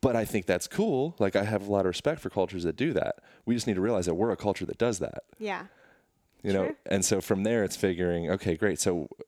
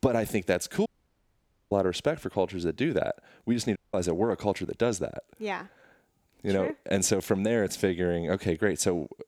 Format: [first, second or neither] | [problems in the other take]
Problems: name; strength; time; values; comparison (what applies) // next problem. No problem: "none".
first | audio cutting out; at 1 s for 1 s and at 4 s